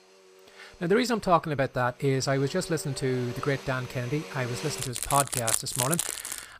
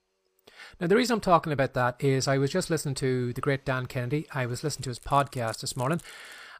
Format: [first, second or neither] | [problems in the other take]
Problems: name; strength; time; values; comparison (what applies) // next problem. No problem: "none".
second | household noises; loud; throughout; 3 dB below the speech; faint in the second